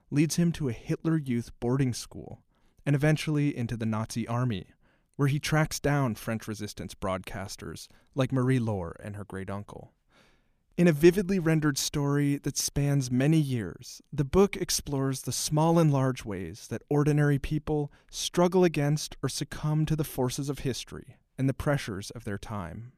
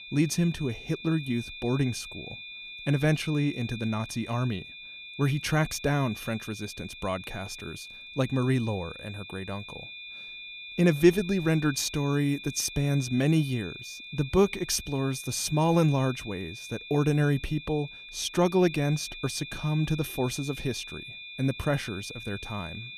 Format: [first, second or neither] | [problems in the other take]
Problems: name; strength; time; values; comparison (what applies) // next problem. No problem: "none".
first | high-pitched whine; noticeable; throughout; 2.5 kHz, 10 dB below the speech